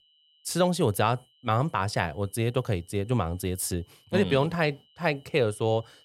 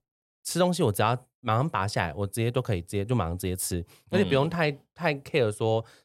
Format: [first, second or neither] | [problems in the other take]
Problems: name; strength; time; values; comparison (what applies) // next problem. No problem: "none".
second | high-pitched whine; faint; throughout; 3 kHz, 35 dB below the speech